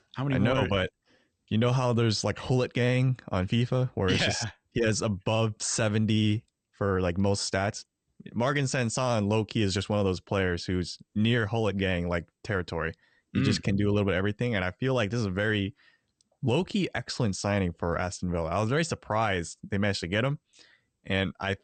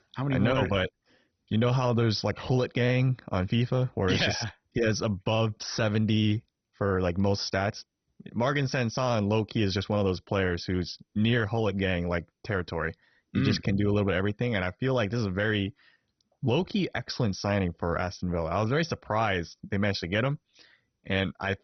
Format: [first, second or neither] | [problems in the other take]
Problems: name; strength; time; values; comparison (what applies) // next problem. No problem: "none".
first | garbled, watery; badly; nothing above 6 kHz; slightly in the first